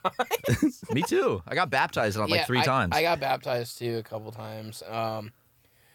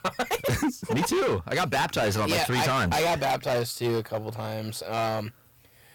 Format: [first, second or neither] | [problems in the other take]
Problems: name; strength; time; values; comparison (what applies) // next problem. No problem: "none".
first | distortion; heavy; 21% of the sound clipped